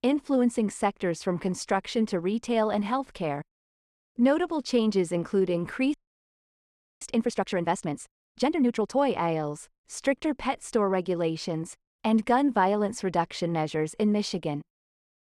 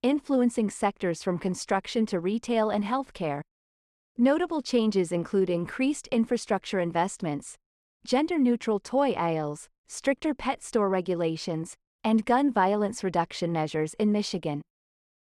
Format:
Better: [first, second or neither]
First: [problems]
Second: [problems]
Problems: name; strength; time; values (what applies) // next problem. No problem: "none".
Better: second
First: audio freezing; at 6 s for 1 s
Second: none